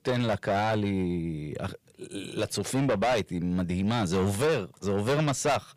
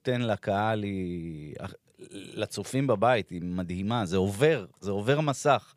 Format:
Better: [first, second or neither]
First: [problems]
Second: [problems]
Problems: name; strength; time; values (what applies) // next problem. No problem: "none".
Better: second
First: distortion; heavy; 6 dB below the speech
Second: none